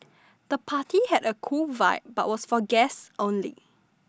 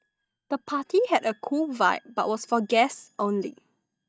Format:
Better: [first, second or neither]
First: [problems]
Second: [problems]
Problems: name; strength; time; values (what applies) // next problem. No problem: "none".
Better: first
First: none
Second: noise reduction (neural mask model DeepFilterNet 3)